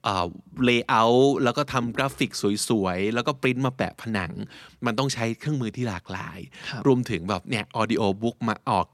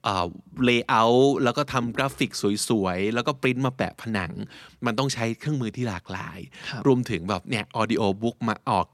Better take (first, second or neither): neither